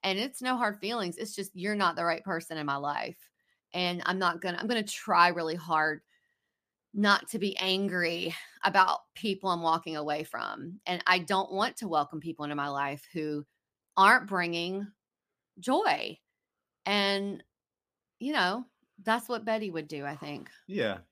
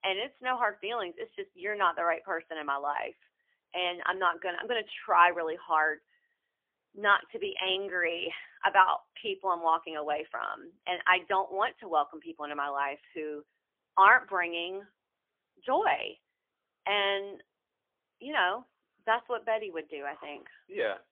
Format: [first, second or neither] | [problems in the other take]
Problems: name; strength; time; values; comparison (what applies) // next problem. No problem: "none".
first | phone-call audio; poor line; nothing above 3.5 kHz